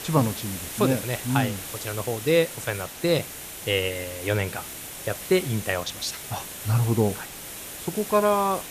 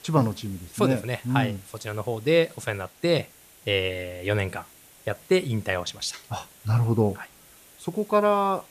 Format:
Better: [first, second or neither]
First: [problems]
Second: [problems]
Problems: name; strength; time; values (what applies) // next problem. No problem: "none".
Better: second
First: hiss; loud; throughout; 9 dB below the speech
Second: hiss; faint; throughout; 25 dB below the speech